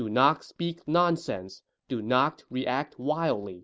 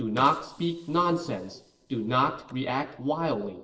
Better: first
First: none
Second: noise reduction (neural separator model SepFormer DNS4)

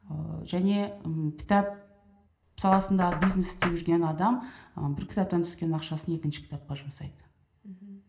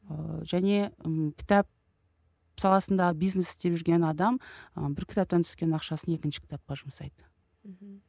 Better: second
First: background sound (Knock); 13 dB below the speech // room echo; dies away in 0.9 s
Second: none

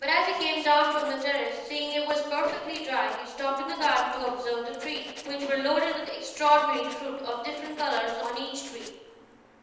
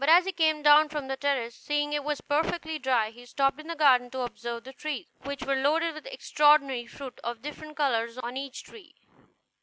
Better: second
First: noise reduction (neural separator model SepFormer DNS4)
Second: none

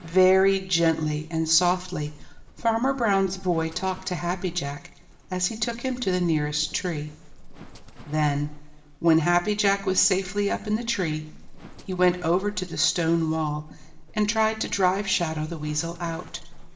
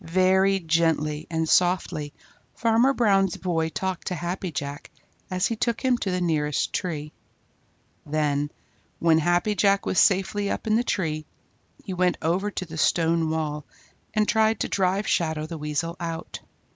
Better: second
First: background sound (Livestock, farm animals, working animals); 16 dB below the speech // room echo; dies away in 1.4 s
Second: none

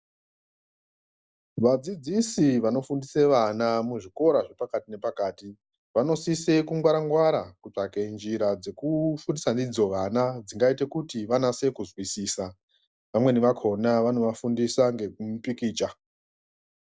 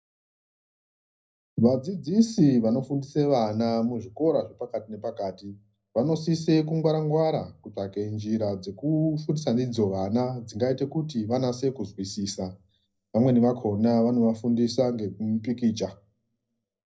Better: first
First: none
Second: room echo; dies away in 0.4 s

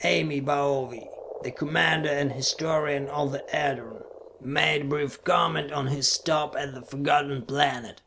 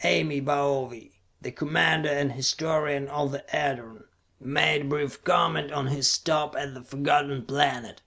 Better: second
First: background sound (Frog); 17 dB below the speech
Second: none

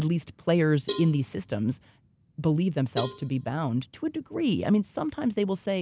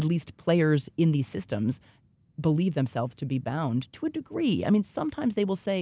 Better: second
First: background sound (Cowbell); 15 dB below the speech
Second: none

